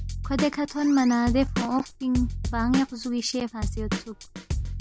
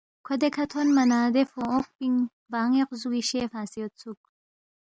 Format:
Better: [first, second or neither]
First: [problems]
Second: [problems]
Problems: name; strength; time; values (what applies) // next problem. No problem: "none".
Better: second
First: background sound (Drum / Drum kit); 5 dB below the speech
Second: none